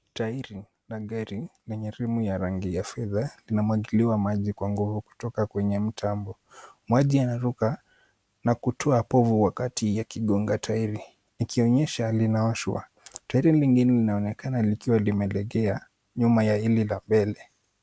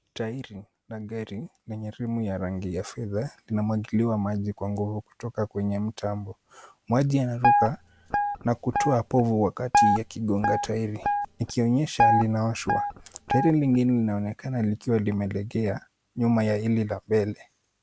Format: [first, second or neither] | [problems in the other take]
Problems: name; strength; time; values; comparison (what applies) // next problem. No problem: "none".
first | background sound (Guitar); 1 dB above the speech